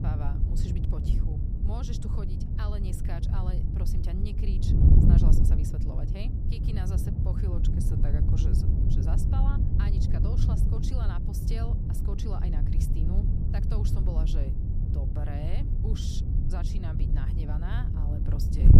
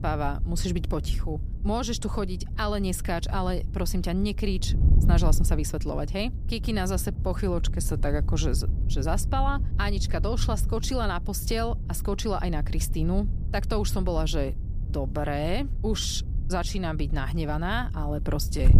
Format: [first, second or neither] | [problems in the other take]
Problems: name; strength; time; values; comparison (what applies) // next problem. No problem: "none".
second | wind noise on the microphone; heavy; 3 dB above the speech; occasional gusts in the second